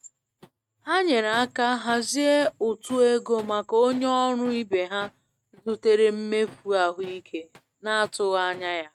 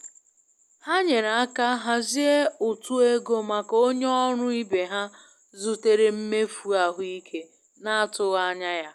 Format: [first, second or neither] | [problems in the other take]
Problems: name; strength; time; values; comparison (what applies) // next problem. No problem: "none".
second | noise reduction (neural mask model RNNoise)